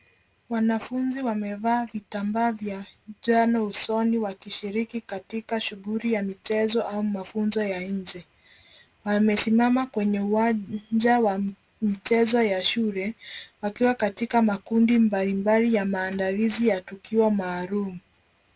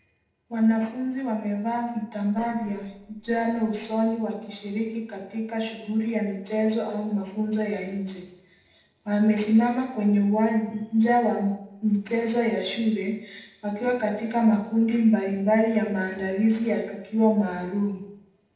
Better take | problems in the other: first | noise reduction (neural separator model SepFormer DNS4)

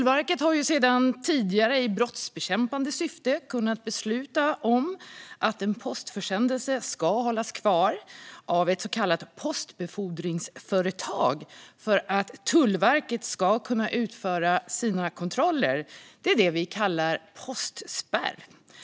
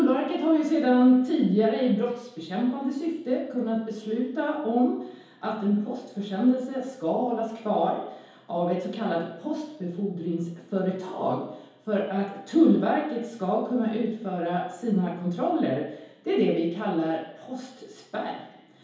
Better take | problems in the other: first | room echo; dies away in 2.2 s

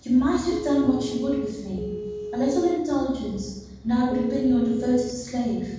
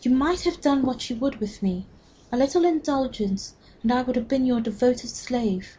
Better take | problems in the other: second | background sound (Telephone); 9 dB below the speech // room echo; dies away in 1.2 s

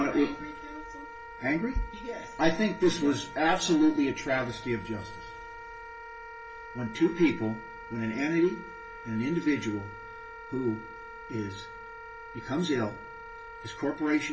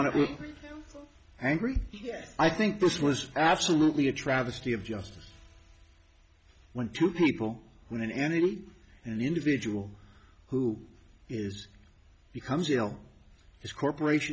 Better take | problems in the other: second | background sound (Wind instrument, woodwind instrument); 13 dB below the speech // room echo; dies away in 0.2 s

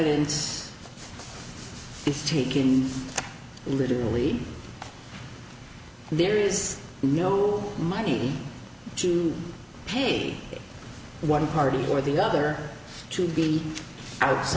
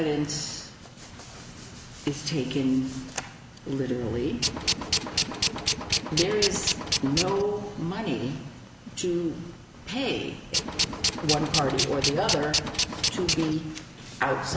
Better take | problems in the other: first | background sound (Tools); 2 dB above the speech

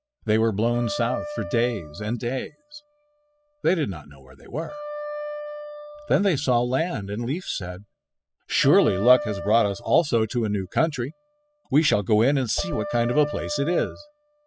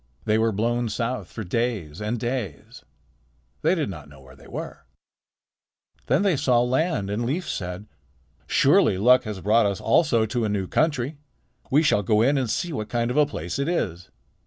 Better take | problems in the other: second | noise reduction (classical method spectral subtraction)

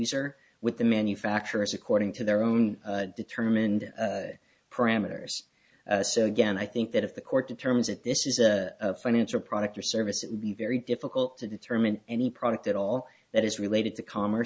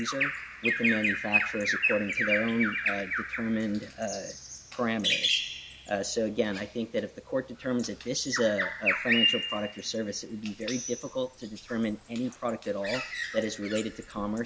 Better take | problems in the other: first | background sound (Bird vocalization, bird call, bird song); 1 dB below the speech

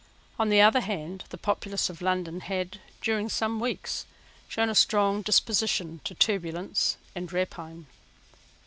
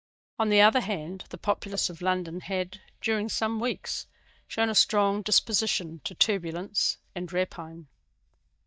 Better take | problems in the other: first | noise reduction (neural mask model DeepFilterNet 3)

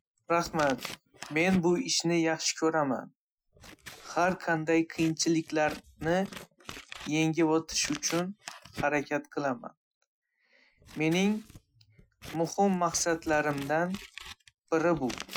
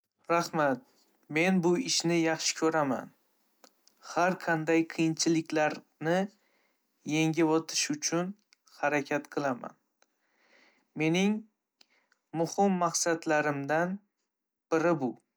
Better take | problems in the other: second | noise reduction (classical method Wiener filter)

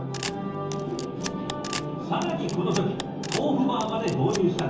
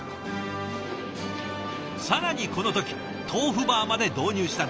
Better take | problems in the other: second | background sound (Camera); 12 dB below the speech // room echo; dies away in 0.7 s

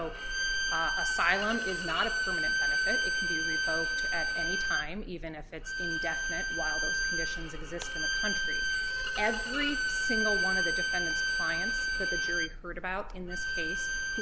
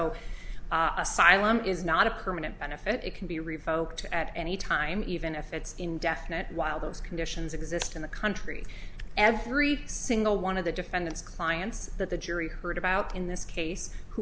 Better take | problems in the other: second | background sound (Bowed string instrument); 4 dB above the speech

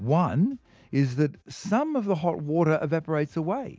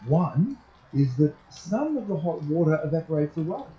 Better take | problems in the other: first | noise reduction (classical method WPE with log-MMSE)

